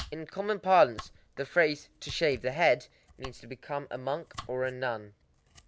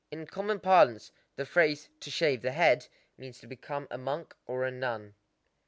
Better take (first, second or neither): second